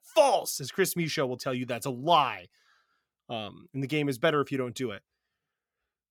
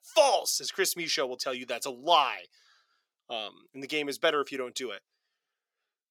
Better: first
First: none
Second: thin; somewhat; fading below 450 Hz

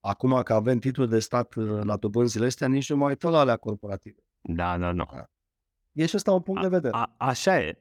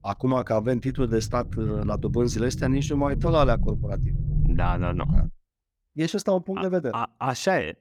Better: first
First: none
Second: low rumble; noticeable; until 5.5 s; 15 dB below the speech

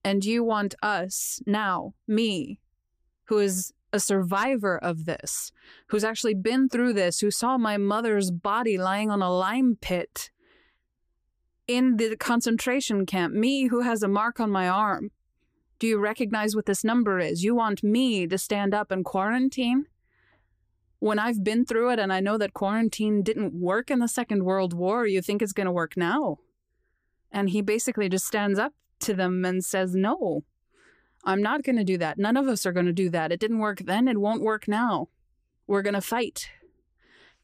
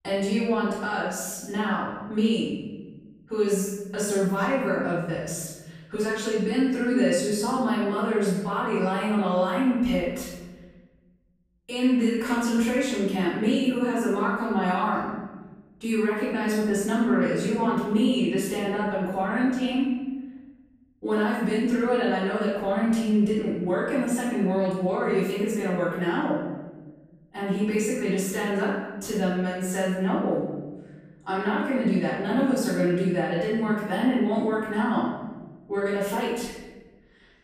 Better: first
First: none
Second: room echo; strong; dies away in 1.4 s // off-mic speech; far

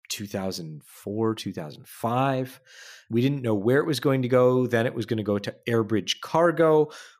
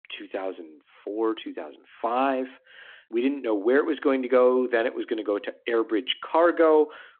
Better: first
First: none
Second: phone-call audio

